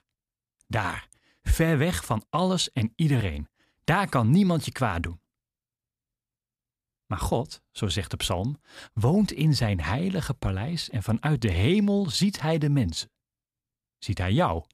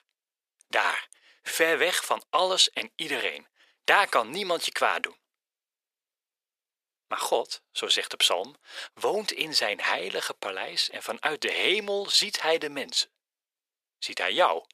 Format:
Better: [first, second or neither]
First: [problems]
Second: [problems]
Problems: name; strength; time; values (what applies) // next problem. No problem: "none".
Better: first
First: none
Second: thin; very; fading below 450 Hz